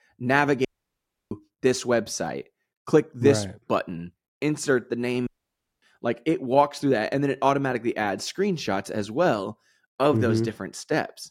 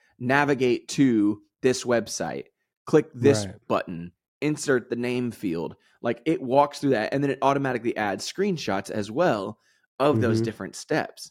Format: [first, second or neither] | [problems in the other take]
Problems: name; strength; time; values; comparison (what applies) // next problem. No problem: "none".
second | audio cutting out; at 0.5 s for 0.5 s and at 5.5 s for 0.5 s